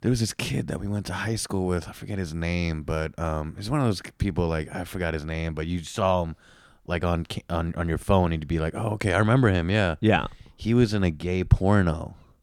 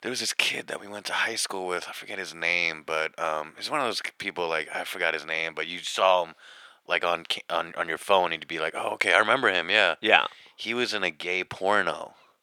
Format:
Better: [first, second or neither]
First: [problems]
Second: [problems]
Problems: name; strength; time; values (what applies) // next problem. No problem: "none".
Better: first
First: none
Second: thin; very; fading below 600 Hz